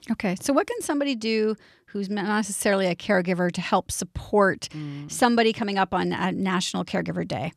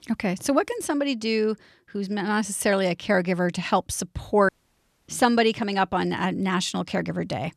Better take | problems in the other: first | audio cutting out; at 4.5 s for 0.5 s

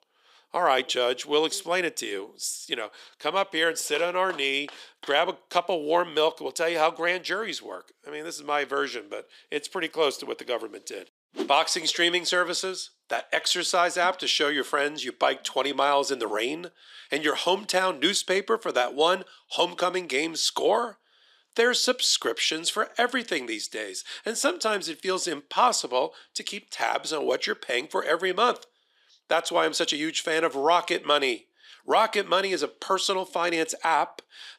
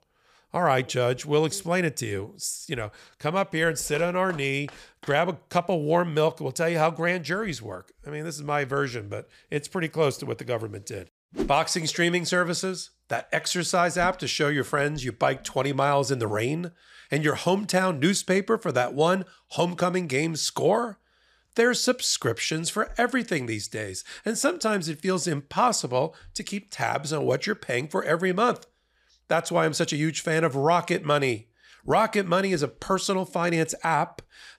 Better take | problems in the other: second | thin; somewhat; fading below 300 Hz

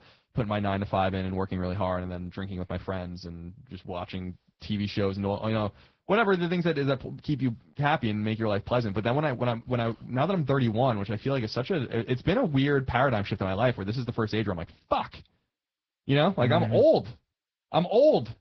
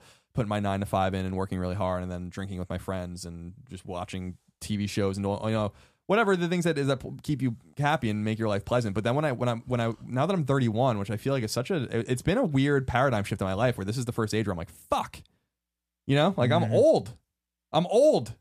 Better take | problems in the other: second | garbled, watery; badly

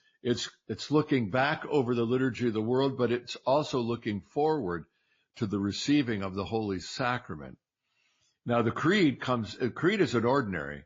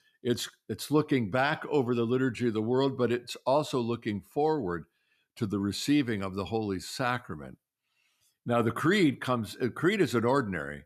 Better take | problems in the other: second | garbled, watery; slightly

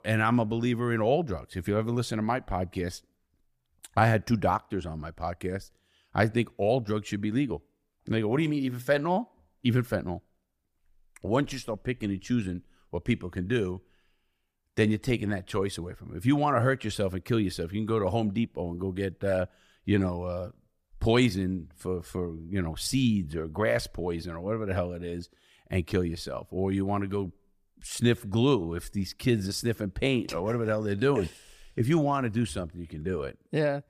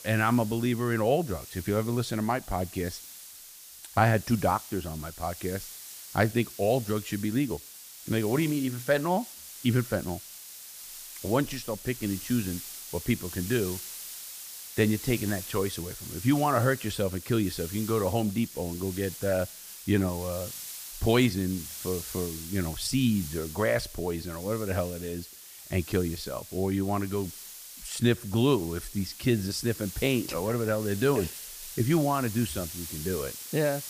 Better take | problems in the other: first | hiss; noticeable; throughout; 10 dB below the speech

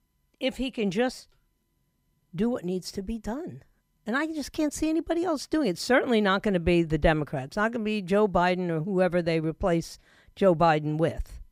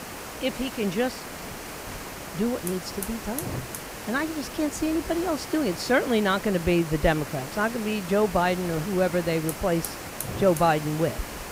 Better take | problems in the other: first | hiss; loud; throughout; 9 dB below the speech

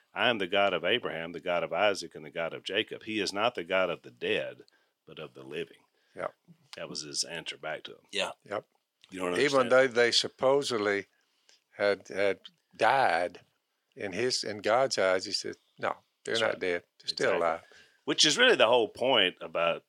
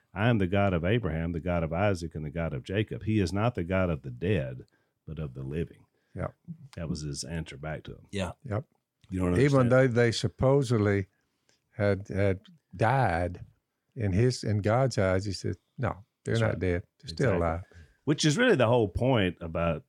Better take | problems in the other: second | thin; very; fading below 450 Hz

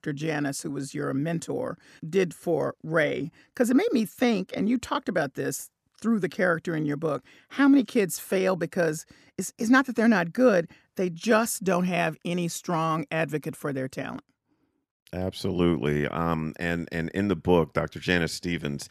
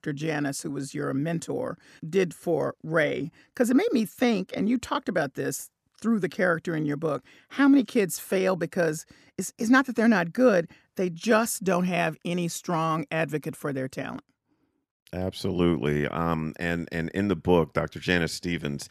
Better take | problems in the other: neither | none

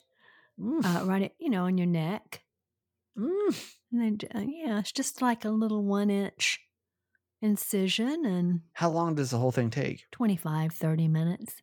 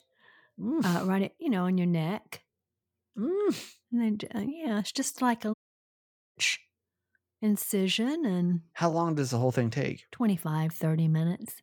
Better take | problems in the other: first | audio cutting out; at 5.5 s for 1 s

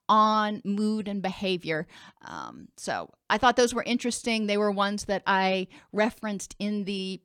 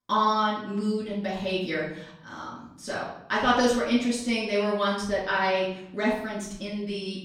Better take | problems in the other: first | off-mic speech; far // room echo; noticeable; dies away in 0.7 s

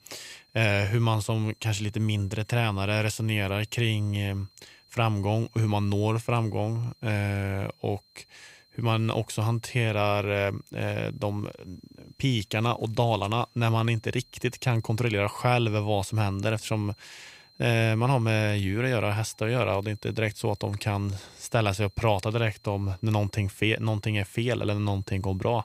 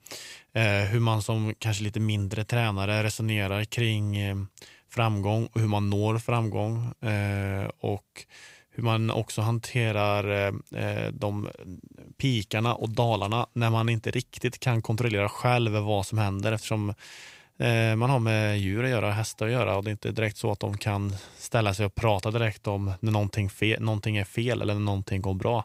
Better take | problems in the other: second | high-pitched whine; faint; throughout; 4 kHz, 30 dB below the speech

